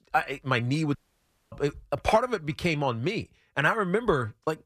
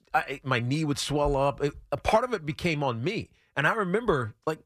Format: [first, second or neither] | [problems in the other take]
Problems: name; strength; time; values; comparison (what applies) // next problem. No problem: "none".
second | audio cutting out; at 1 s for 0.5 s